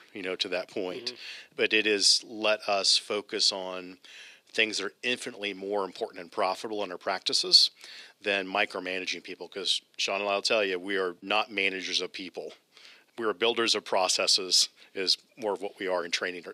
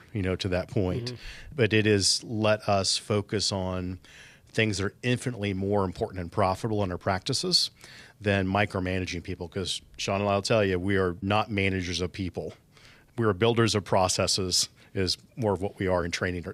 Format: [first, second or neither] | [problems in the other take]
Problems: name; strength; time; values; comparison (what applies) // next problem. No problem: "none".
second | thin; somewhat; fading below 300 Hz